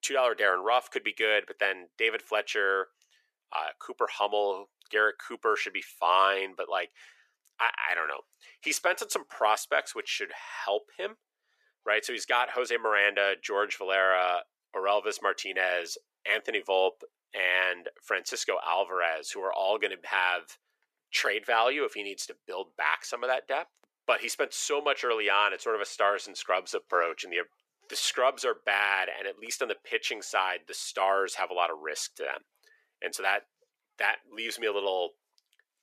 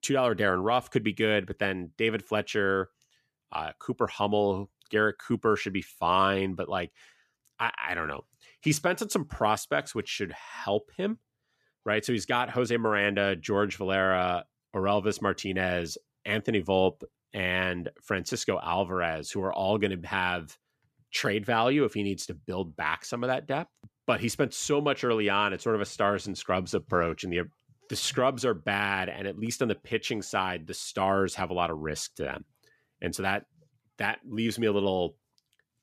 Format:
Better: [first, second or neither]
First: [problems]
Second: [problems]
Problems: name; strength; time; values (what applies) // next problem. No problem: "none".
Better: second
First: thin; very; fading below 450 Hz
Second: none